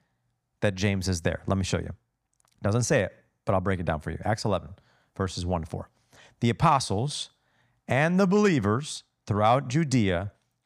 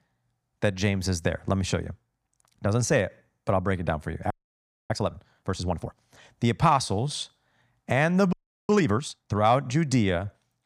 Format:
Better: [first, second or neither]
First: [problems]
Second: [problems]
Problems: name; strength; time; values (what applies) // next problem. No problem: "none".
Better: first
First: none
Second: audio freezing; at 4.5 s for 0.5 s and at 8.5 s